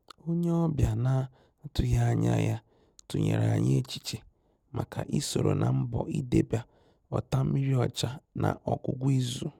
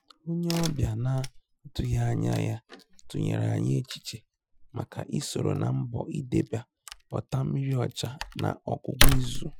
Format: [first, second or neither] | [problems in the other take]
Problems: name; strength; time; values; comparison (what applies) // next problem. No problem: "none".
first | noise reduction (classical method Wiener filter)